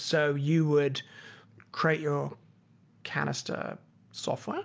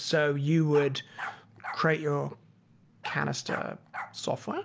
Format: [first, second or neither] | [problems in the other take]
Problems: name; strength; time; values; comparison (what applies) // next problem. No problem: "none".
first | background sound (Bark); 12 dB below the speech